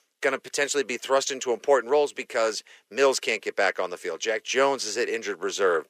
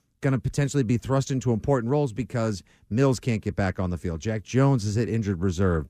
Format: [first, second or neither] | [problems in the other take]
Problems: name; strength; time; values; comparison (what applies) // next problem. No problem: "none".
second | thin; very; fading below 450 Hz